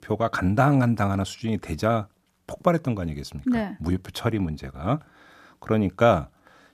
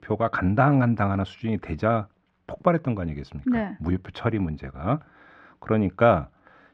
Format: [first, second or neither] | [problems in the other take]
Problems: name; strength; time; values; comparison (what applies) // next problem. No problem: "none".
first | muffled; slightly; fading above 2 kHz